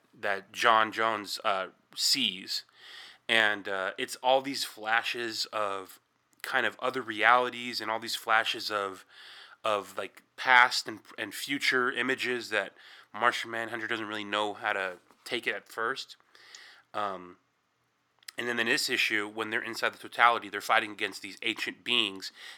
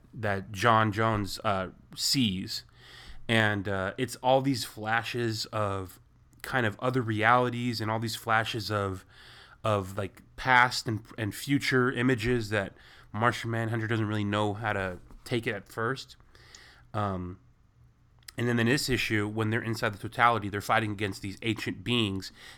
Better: second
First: thin; somewhat; fading below 400 Hz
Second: none

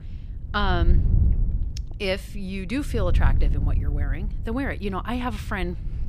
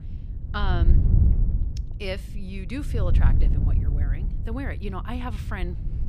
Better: first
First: wind noise on the microphone; occasional gusts; 15 dB below the speech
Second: wind noise on the microphone; heavy; 6 dB below the speech

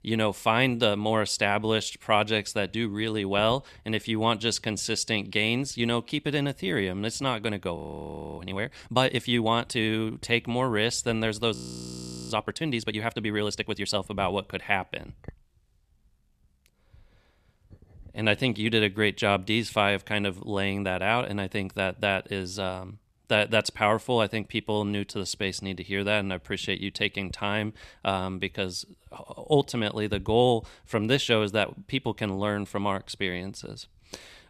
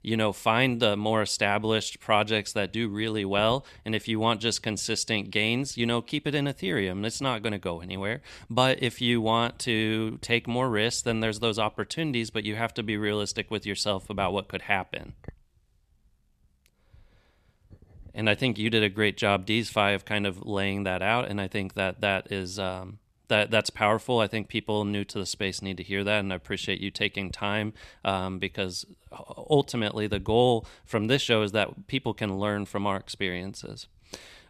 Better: second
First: audio freezing; at 8 s for 0.5 s and at 12 s for 1 s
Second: none

